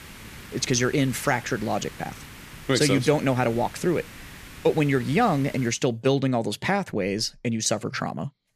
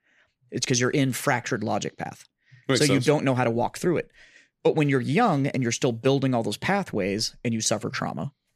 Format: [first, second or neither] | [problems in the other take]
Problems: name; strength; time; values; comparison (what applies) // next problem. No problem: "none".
second | hiss; noticeable; until 5.5 s; 15 dB below the speech